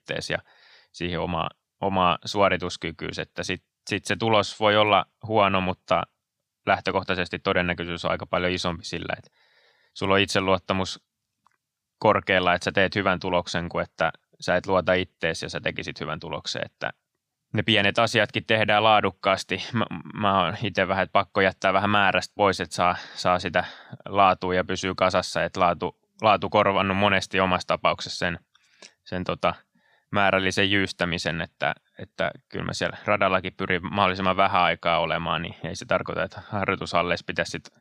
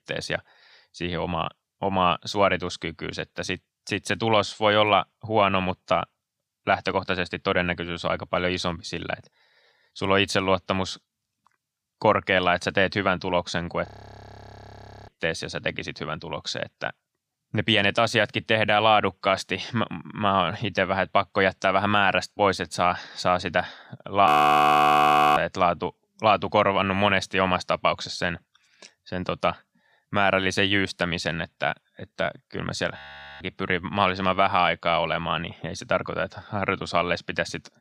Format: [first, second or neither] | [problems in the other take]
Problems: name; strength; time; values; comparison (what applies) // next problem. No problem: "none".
first | audio freezing; at 14 s for 1 s, at 24 s for 1 s and at 33 s